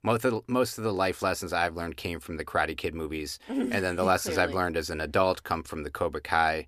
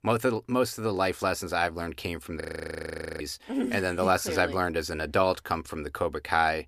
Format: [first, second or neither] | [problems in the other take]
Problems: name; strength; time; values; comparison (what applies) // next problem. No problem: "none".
first | audio freezing; at 2.5 s for 1 s